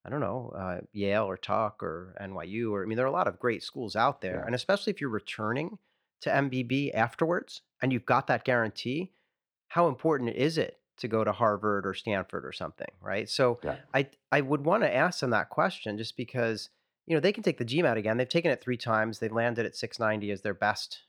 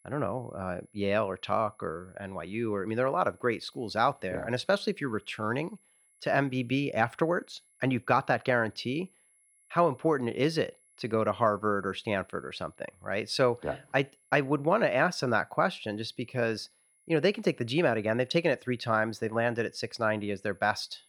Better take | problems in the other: first | high-pitched whine; faint; throughout; 11 kHz, 35 dB below the speech

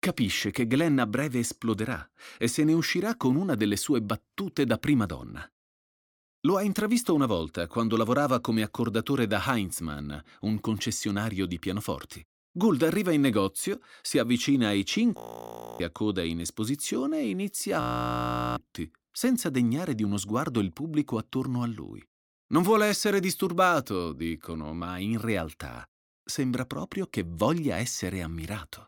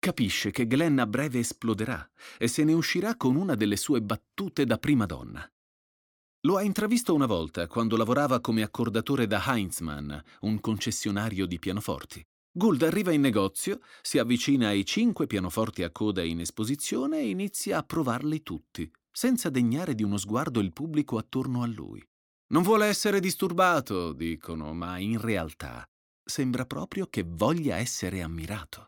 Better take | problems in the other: second | audio freezing; at 15 s for 0.5 s and at 18 s for 1 s

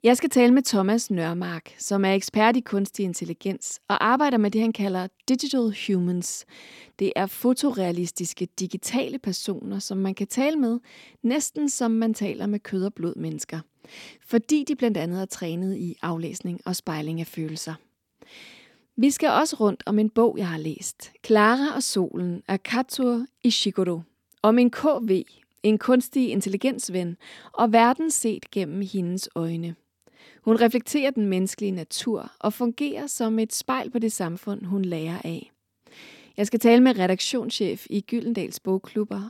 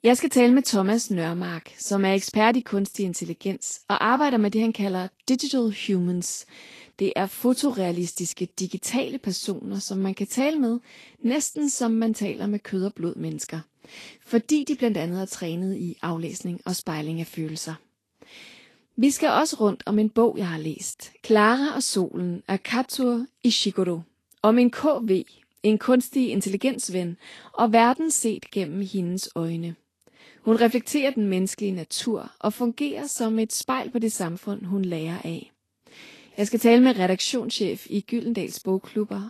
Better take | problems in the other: first | garbled, watery; slightly; nothing above 12.5 kHz

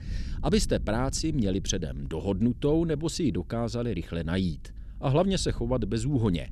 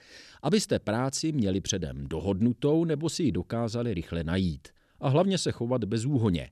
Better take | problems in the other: second | low rumble; faint; throughout; 25 dB below the speech

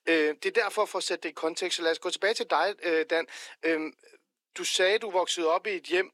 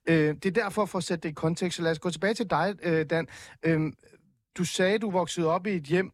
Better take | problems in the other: second | thin; very; fading below 350 Hz

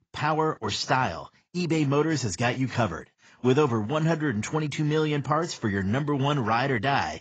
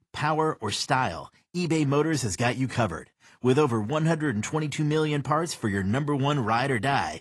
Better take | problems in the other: second | garbled, watery; badly; nothing above 7.5 kHz; slightly in the second

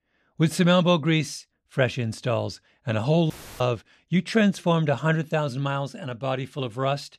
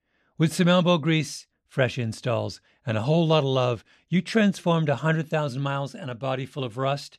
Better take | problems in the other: second | audio cutting out; filled with static; at 3.5 s

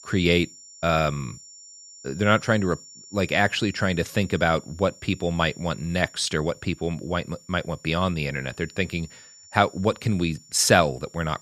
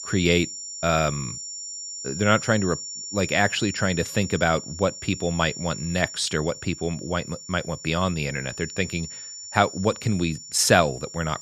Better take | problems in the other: first | high-pitched whine; loud; throughout; 7 kHz, 10 dB below the speech; faint in the first

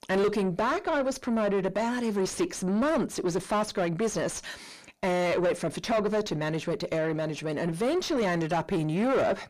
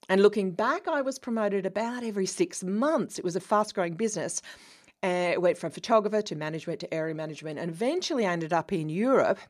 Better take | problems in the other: second | distortion; heavy; 6 dB below the speech

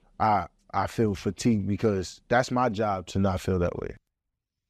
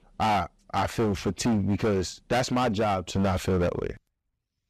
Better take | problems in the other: first | distortion; heavy; 16% of the sound clipped

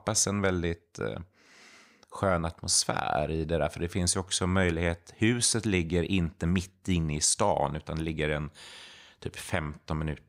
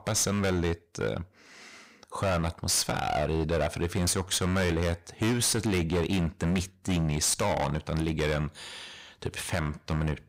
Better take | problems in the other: first | distortion; heavy; 19% of the sound clipped

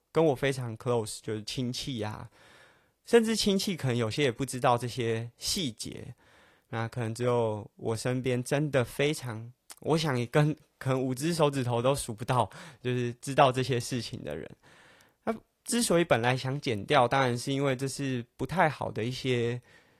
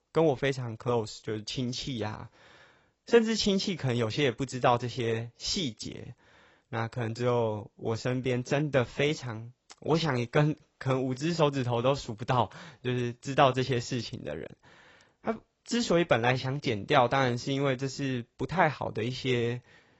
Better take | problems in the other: first | garbled, watery; badly; nothing above 8 kHz; slightly in the first

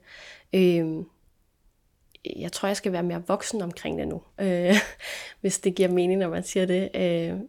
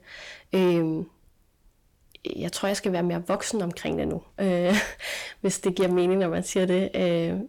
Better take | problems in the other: first | distortion; slight; 10 dB below the speech

